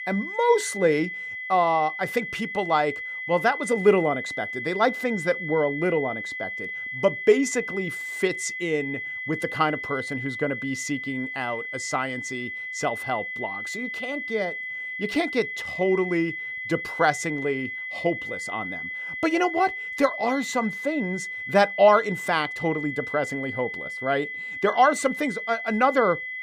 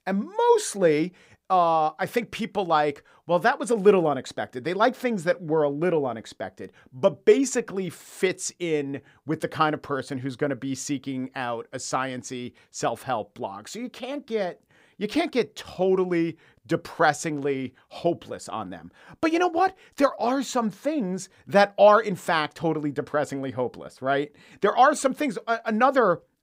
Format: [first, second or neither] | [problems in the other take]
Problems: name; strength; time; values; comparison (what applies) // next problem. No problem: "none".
second | high-pitched whine; loud; throughout; 2 kHz, 6 dB below the speech